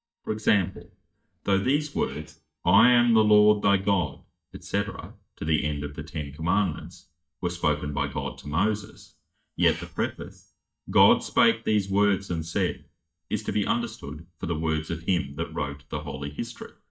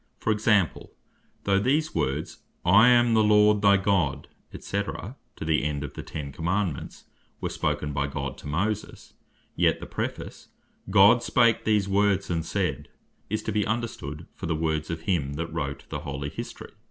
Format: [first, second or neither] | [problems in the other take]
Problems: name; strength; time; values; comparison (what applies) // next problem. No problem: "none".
second | noise reduction (neural mask model DeepFilterNet 3)